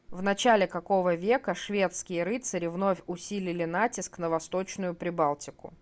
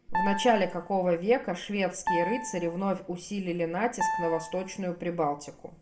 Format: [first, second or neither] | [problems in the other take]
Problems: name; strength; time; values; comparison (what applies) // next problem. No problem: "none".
first | background sound (Piano); 6 dB below the speech // room echo; dies away in 0.3 s